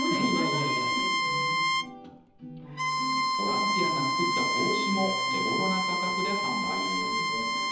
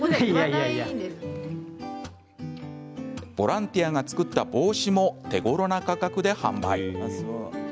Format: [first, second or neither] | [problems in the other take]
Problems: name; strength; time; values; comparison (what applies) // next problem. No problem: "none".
second | background sound (Bowed string instrument); 5 dB above the speech // room echo; dies away in 0.9 s